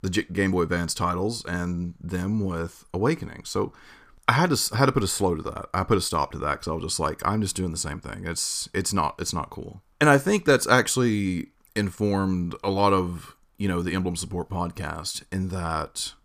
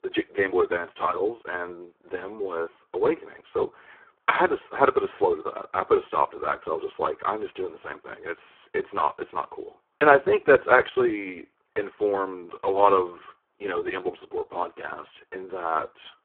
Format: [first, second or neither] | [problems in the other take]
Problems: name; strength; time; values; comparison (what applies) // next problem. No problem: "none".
first | phone-call audio; poor line